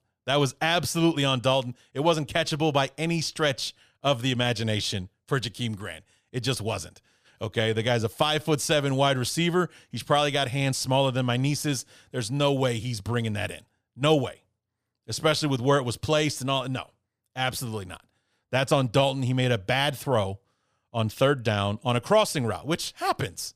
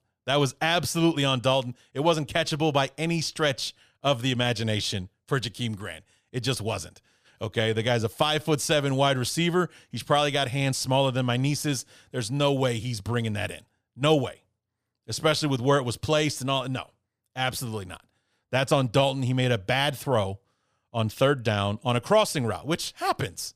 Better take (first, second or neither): neither